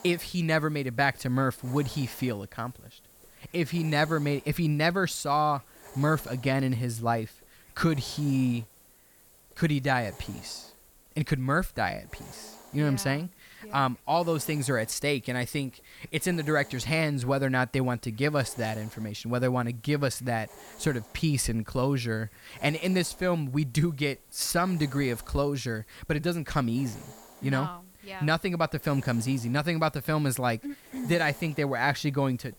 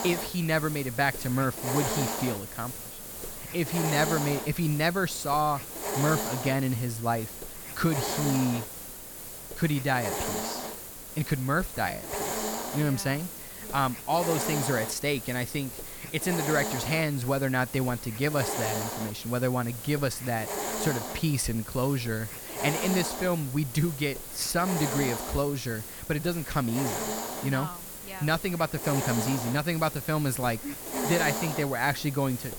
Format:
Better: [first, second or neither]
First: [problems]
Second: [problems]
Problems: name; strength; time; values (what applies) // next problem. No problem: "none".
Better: first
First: hiss; faint; throughout; 25 dB below the speech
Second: hiss; loud; throughout; 5 dB below the speech